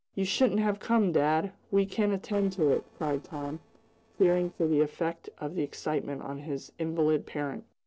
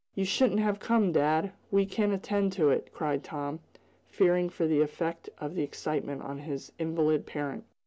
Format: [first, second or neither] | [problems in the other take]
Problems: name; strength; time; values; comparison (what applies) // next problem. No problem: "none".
second | noise reduction (neural separator model SepFormer DNS4)